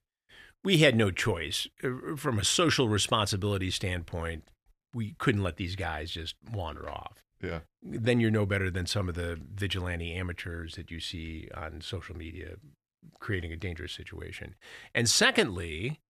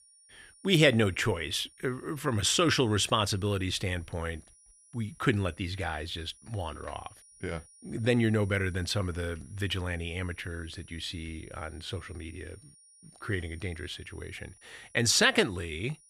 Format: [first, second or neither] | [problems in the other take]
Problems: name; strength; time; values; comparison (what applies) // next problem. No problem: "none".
first | high-pitched whine; faint; throughout; 9.5 kHz, 25 dB below the speech